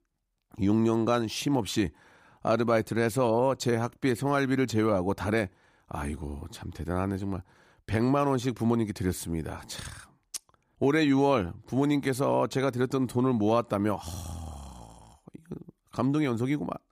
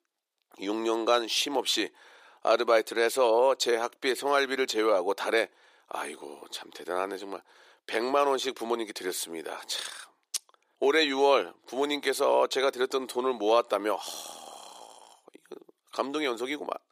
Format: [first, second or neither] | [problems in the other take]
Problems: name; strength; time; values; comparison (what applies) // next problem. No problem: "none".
first | thin; very; fading below 400 Hz